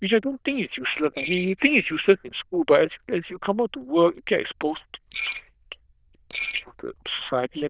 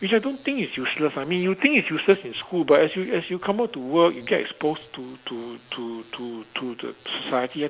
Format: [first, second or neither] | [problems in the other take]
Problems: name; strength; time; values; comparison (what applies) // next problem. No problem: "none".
second | noise reduction (neural diffusion model UNIVERSE++)